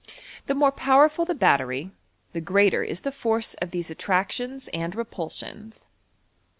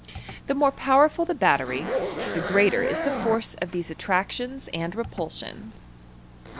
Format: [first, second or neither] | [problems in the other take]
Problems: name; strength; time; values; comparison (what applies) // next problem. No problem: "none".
first | background sound (Zipper (clothing)); 8 dB below the speech